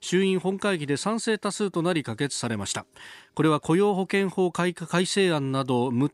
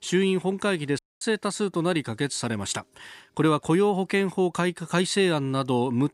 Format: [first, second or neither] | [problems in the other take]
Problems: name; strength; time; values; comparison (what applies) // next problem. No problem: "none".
first | audio cutting out; at 1 s